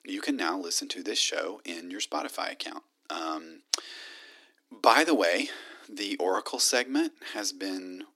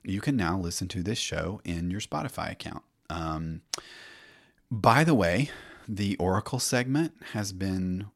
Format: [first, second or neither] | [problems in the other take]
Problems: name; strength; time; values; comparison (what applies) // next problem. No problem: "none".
second | thin; somewhat; fading below 300 Hz